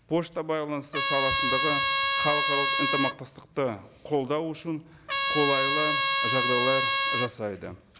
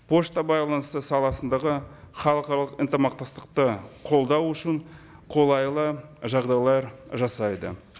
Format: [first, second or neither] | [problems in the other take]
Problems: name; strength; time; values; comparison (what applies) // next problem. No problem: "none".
second | background sound (Trumpet); 4 dB above the speech